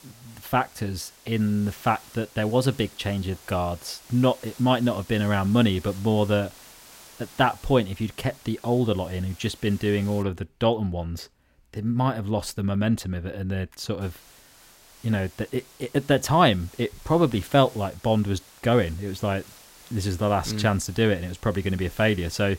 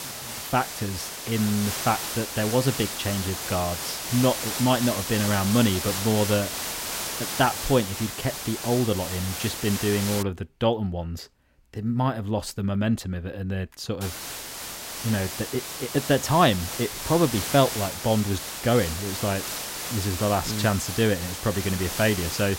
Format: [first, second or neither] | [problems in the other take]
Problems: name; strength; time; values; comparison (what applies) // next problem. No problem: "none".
first | hiss; loud; until 10 s and from 14 s on; 5 dB below the speech; faint in the first